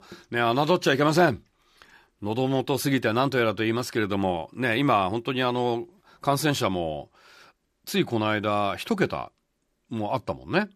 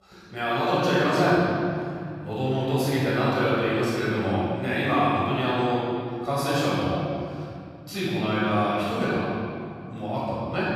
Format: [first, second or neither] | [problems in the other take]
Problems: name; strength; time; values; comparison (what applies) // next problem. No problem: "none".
first | off-mic speech; far // room echo; strong; dies away in 2.4 s